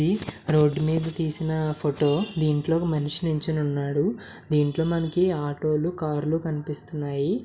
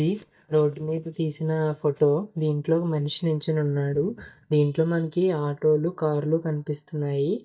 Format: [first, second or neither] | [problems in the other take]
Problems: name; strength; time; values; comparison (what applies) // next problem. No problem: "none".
first | noise reduction (neural mask model DeepFilterNet 3)